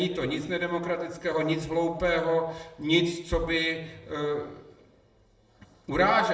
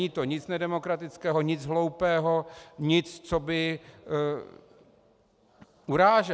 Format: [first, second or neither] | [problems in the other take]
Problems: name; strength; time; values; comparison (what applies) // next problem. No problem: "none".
second | room echo; dies away in 0.7 s